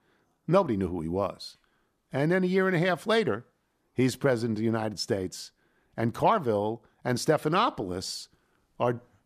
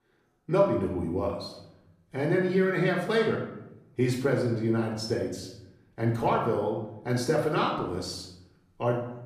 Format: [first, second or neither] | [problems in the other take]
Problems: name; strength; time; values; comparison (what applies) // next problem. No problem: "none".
first | off-mic speech; far // room echo; noticeable; dies away in 0.7 s